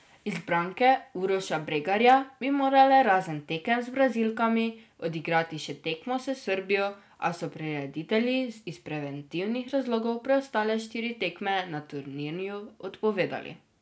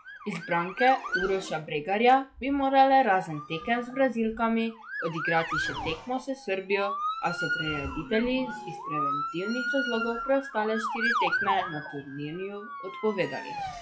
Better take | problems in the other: first | noise reduction (classical method log-MMSE)

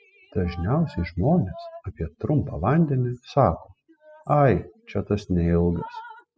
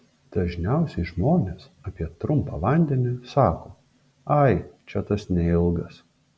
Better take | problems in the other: second | noise reduction (classical method spectral subtraction)

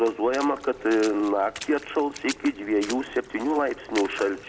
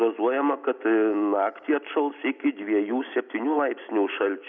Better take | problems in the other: second | background sound (Water / Splash, splatter); 15 dB below the speech

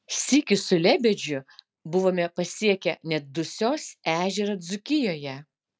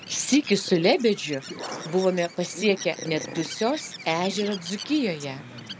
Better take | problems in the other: first | background sound (Bird); 12 dB below the speech

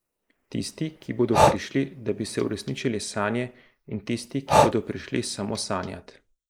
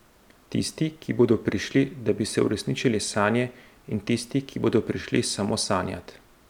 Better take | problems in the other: second | noise reduction (neural mask model Resemble Enhance denoiser)

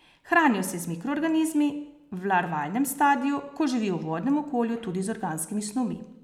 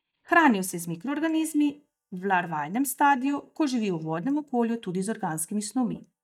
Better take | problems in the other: first | noise reduction (neural mask model DeepFilterNet 3)

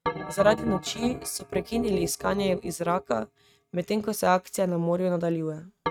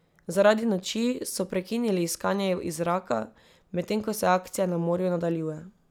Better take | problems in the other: second | noise reduction (neural mask model RNNoise)

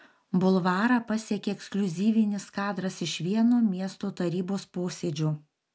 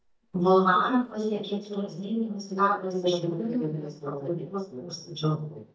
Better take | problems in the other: first | noise reduction (neural mask model DeepFilterNet 3)

